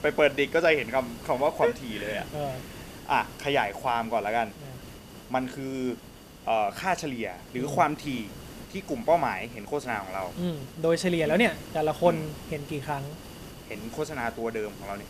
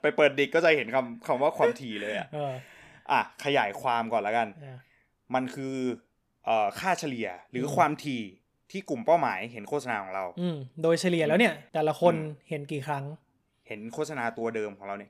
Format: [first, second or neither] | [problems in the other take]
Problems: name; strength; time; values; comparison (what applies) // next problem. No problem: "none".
second | hiss; noticeable; throughout; 15 dB below the speech